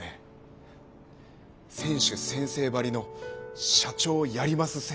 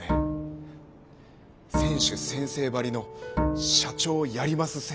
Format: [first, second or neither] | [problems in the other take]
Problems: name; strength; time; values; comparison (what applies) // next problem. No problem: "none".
first | background sound (Bowed string instrument); 2 dB below the speech